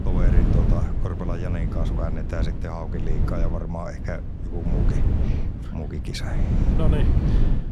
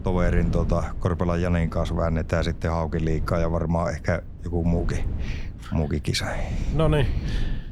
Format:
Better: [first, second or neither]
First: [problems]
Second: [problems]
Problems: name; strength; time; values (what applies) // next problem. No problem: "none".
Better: second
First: wind noise on the microphone; heavy; 1 dB below the speech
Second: wind noise on the microphone; occasional gusts; 15 dB below the speech